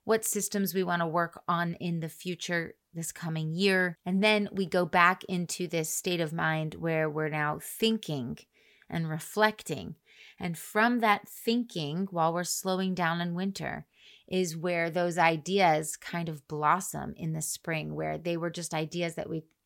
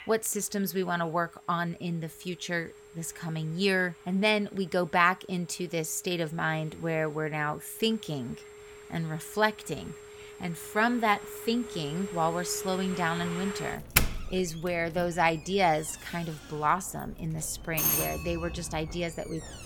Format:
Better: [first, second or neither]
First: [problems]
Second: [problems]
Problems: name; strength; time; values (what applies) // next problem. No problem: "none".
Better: first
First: none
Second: alarms or sirens; loud; throughout; 5 dB below the speech